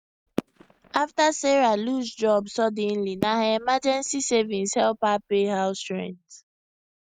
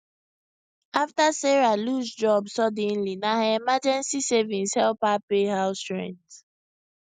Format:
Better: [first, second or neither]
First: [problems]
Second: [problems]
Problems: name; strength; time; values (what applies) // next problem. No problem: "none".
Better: second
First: noise reduction (neural mask model RNNoise)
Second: none